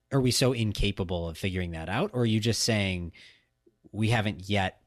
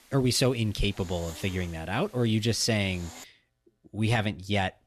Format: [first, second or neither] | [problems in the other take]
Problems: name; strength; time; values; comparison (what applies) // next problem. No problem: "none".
first | hiss; faint; until 3 s; 20 dB below the speech